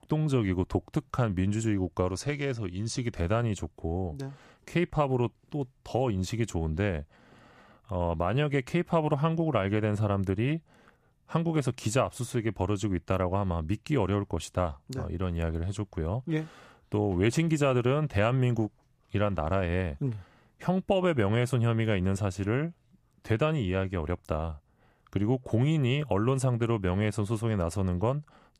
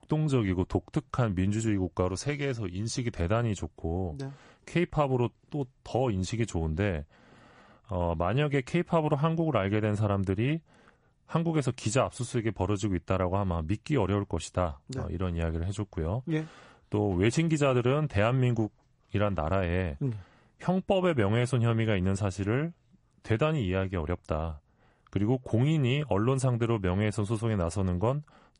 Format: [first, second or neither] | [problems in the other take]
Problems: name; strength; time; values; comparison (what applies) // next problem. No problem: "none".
first | garbled, watery; slightly; nothing above 10.5 kHz